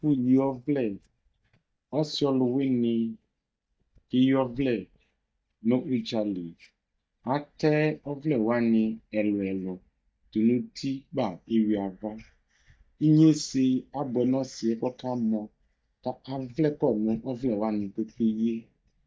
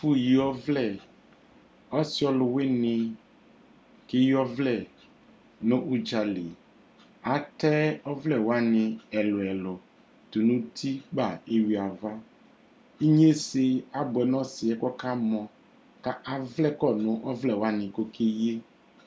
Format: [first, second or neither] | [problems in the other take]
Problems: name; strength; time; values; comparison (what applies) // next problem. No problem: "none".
second | noise reduction (neural mask model DeepFilterNet 3)